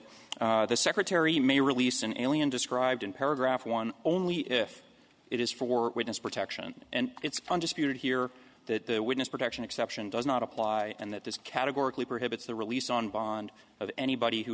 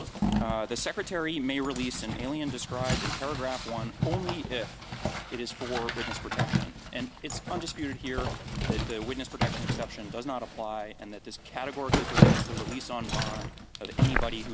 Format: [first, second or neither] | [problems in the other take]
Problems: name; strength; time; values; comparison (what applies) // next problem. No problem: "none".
first | background sound (Zipper (clothing)); 4 dB above the speech